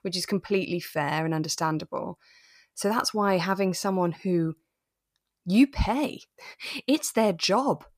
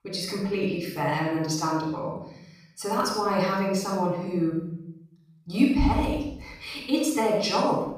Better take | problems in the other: first | off-mic speech; far // room echo; noticeable; dies away in 0.8 s

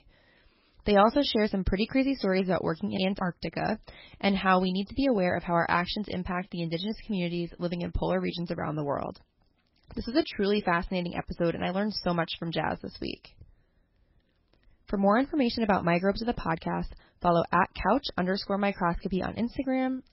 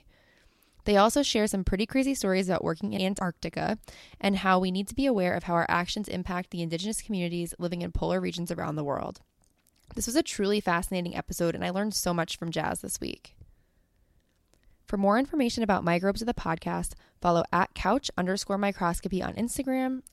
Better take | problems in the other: second | garbled, watery; badly; nothing above 5.5 kHz

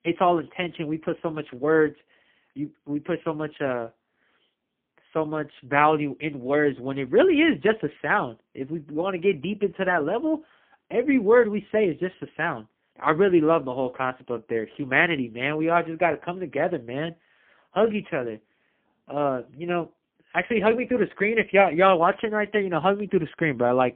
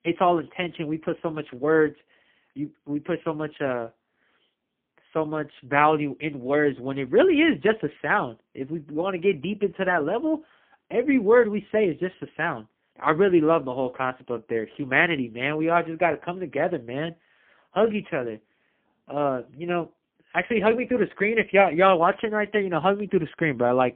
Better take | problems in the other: neither | phone-call audio; poor line; nothing above 3.5 kHz; the same in both

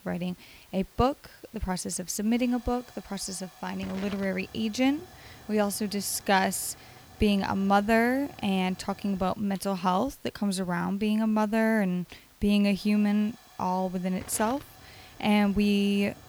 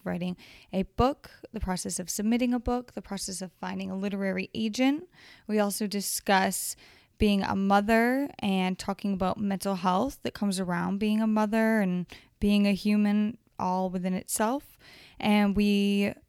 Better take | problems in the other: second | hiss; faint; throughout; 20 dB below the speech

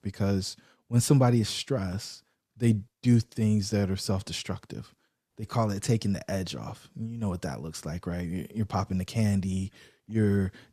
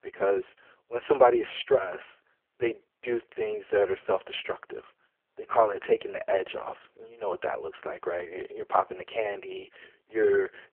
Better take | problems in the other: first | phone-call audio; poor line; nothing above 3 kHz

